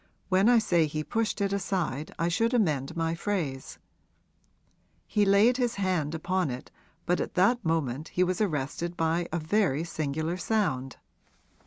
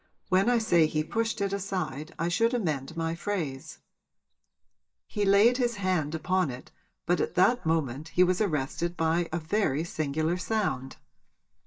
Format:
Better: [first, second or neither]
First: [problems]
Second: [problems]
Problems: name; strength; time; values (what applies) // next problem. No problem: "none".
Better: first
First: none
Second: noise reduction (neural mask model DeepFilterNet 3)